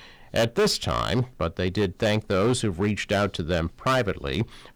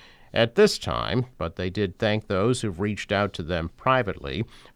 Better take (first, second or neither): second